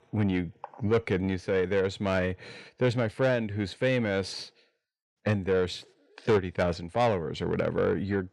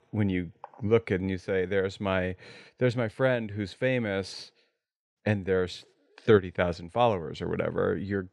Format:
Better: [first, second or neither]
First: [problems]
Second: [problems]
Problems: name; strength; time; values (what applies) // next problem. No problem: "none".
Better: second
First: distortion; slight; 10 dB below the speech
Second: none